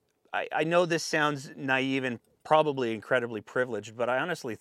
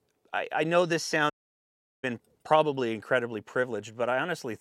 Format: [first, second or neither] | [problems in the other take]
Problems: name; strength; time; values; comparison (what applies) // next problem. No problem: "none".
first | audio cutting out; at 1.5 s for 0.5 s